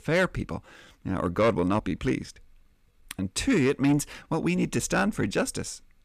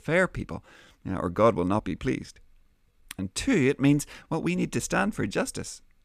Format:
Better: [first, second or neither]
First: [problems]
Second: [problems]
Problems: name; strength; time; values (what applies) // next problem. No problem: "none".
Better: second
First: distortion; slight; 10 dB below the speech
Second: none